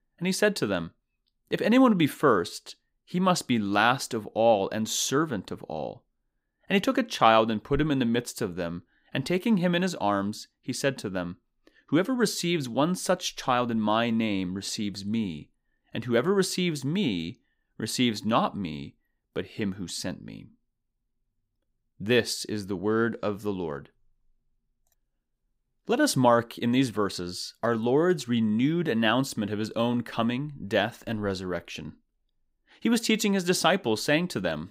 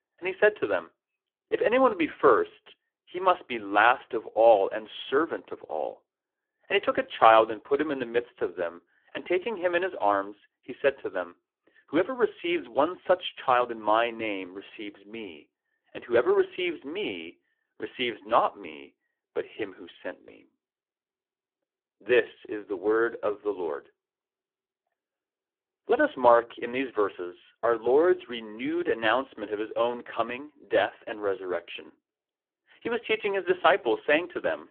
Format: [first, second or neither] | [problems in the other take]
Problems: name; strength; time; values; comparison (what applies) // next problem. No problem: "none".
first | phone-call audio; poor line